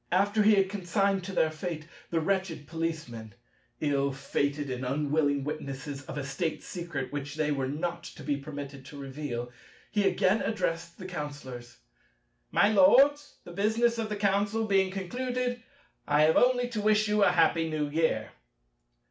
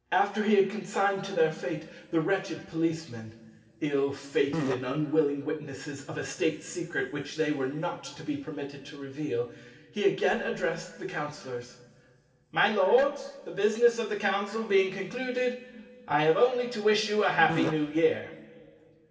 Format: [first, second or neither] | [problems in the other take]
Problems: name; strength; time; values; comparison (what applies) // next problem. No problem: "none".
first | background sound (Fart); 5 dB below the speech // room echo; dies away in 2.8 s